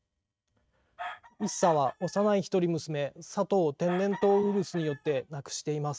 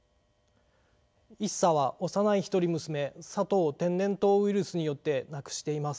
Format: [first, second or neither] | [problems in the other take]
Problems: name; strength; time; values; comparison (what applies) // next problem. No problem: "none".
second | noise reduction (neural mask model RNNoise)